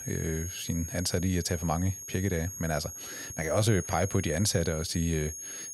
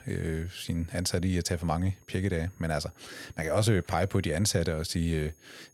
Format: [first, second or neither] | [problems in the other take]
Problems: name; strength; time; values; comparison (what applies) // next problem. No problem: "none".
second | high-pitched whine; loud; throughout; 6.5 kHz, 8 dB below the speech; faint in the second